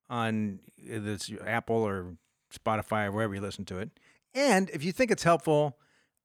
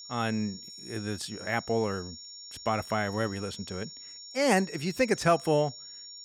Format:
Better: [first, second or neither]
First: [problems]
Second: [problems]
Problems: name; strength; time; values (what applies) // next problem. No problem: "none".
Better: first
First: none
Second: high-pitched whine; noticeable; throughout; 5.5 kHz, 15 dB below the speech